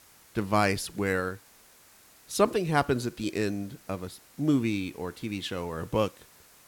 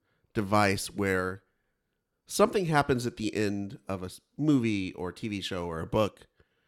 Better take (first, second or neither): second